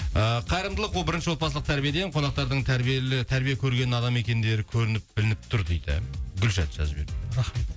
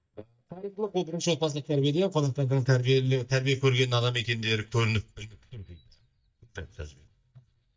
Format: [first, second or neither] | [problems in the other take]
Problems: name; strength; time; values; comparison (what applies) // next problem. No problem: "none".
first | noise reduction (neural mask model DeepFilterNet 3)